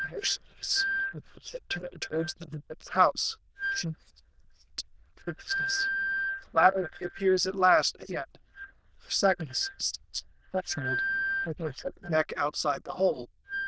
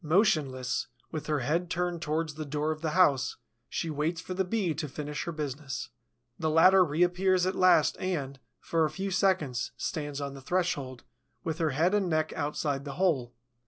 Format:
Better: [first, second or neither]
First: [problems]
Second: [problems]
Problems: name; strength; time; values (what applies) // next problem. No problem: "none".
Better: second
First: noise reduction (neural diffusion model UNIVERSE++)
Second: none